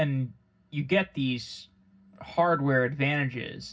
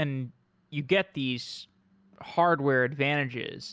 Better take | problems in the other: second | room echo; dies away in 0.4 s

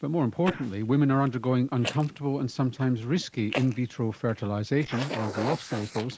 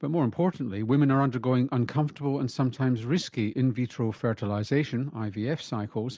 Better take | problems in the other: second | noise reduction (neural mask model Resemble Enhance denoiser)

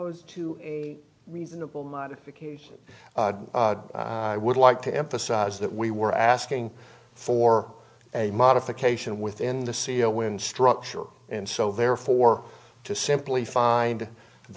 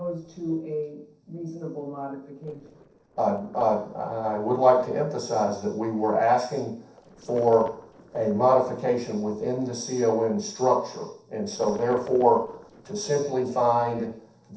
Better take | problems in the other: first | noise reduction (neural separator model SepFormer DNS4)

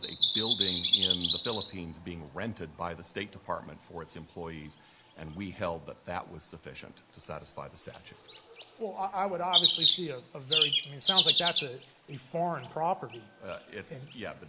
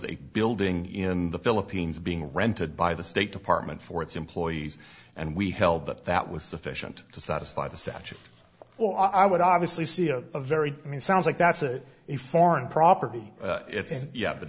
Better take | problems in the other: second | background sound (Bird vocalization, bird call, bird song); 5 dB above the speech

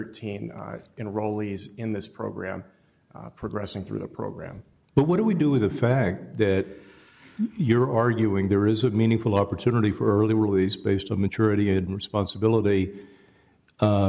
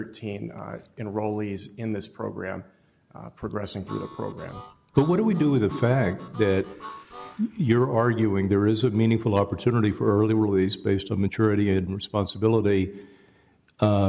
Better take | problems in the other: first | background sound (Harmonica); 19 dB below the speech

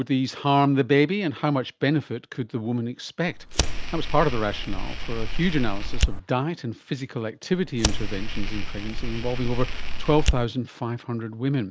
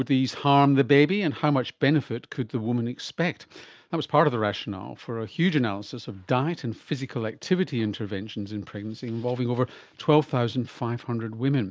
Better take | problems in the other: second | background sound (Fire); 2 dB above the speech

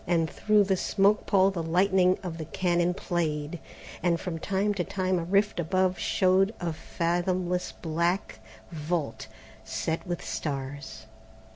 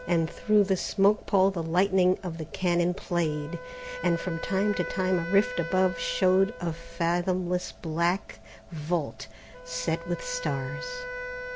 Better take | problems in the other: first | background sound (Wind instrument, woodwind instrument); 13 dB below the speech

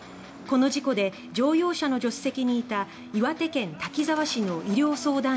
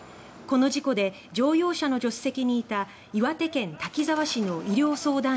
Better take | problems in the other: second | background sound (Electric guitar); 19 dB below the speech

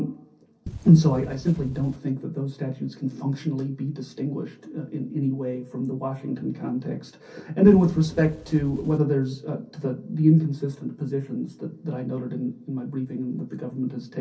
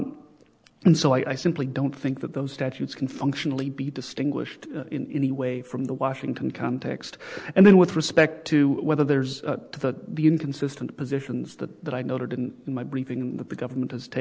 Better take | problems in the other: second | background sound (Wind); 15 dB below the speech // room echo; dies away in 0.3 s

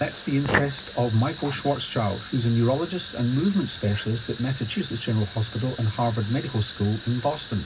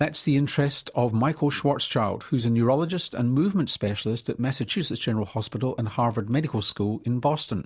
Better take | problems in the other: second | background sound (Fire); 11 dB below the speech // room echo; dies away in 0.4 s

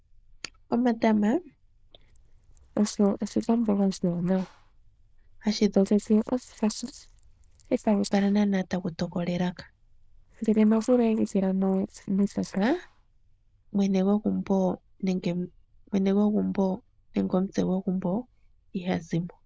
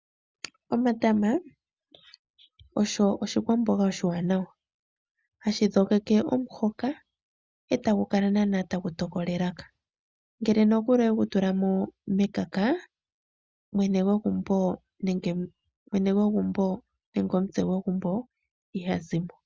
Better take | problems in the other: second | noise reduction (neural diffusion model UNIVERSE++)

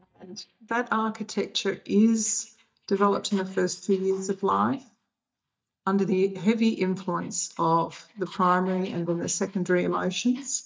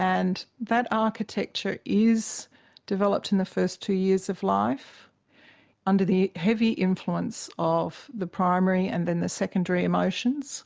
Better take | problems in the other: second | noise reduction (neural mask model DeepFilterNet 3)

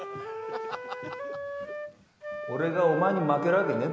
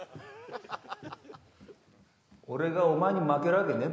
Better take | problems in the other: second | background sound (Wind instrument, woodwind instrument); 8 dB below the speech

